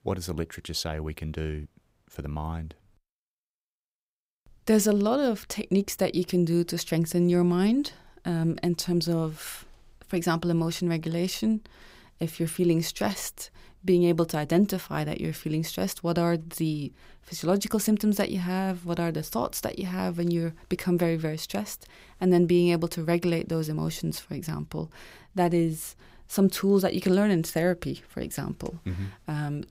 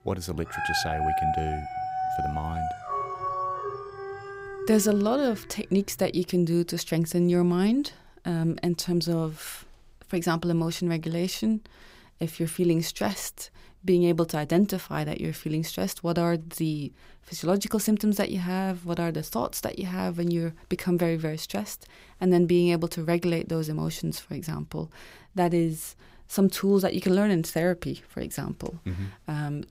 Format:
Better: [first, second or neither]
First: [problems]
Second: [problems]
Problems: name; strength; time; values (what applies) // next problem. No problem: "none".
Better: first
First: none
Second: dog barking; loud; until 5.5 s; peak 1 dB above the speech